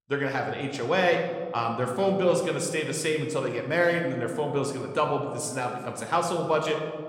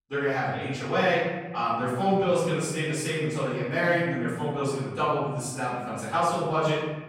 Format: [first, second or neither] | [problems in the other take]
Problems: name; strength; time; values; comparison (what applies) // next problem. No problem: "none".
first | room echo; strong; dies away in 1.5 s; slight in the first // off-mic speech; far